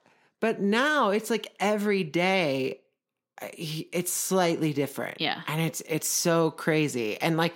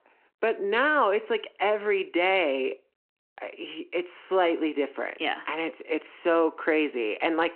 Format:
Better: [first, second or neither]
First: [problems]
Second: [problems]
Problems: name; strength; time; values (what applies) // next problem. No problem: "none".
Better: first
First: none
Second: phone-call audio